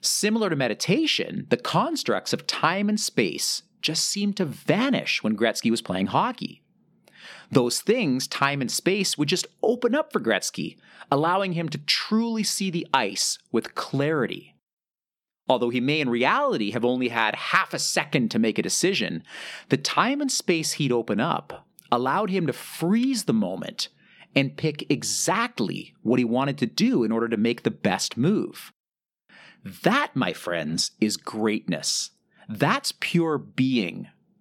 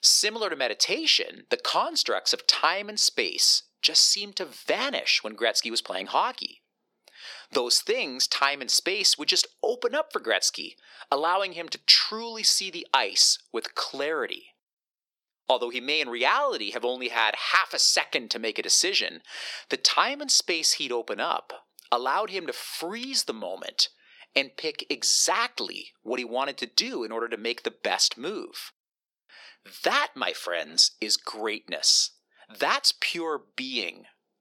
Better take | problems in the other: first | thin; very; fading below 450 Hz

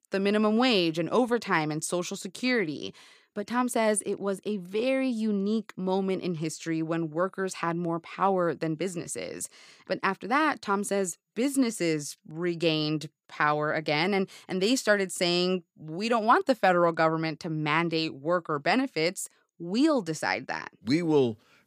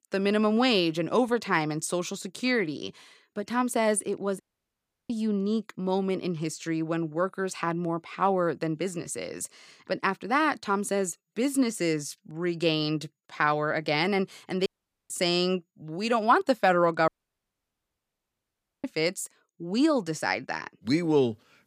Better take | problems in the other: first | audio cutting out; at 4.5 s for 0.5 s, at 15 s and at 17 s for 2 s

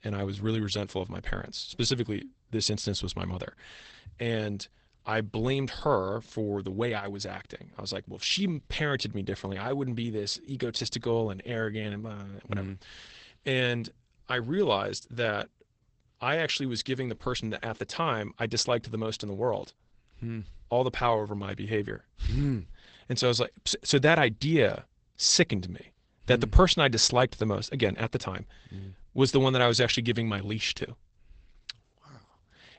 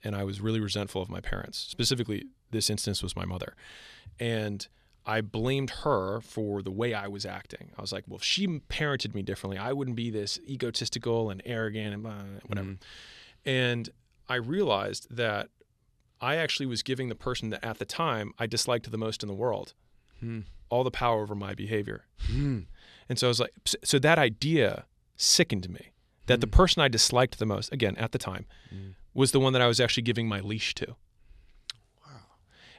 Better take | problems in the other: second | garbled, watery; badly; nothing above 8 kHz

